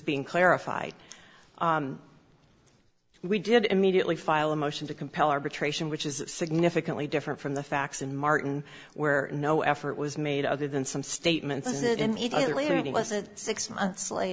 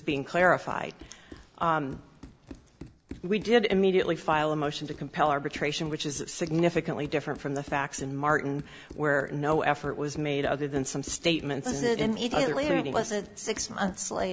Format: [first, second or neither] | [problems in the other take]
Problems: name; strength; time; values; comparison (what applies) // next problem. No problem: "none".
first | background sound (Run); 20 dB below the speech